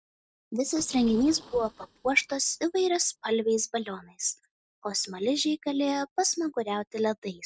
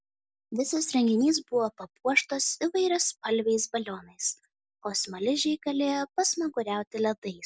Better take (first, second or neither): second